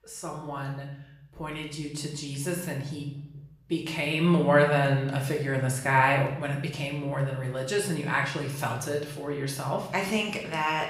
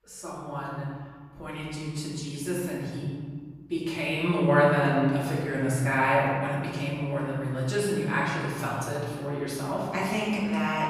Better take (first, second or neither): first